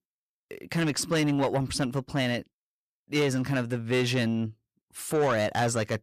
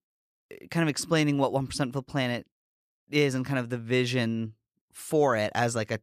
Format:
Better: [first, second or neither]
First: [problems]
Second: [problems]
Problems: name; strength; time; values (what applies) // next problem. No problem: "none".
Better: second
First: distortion; slight; 10 dB below the speech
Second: none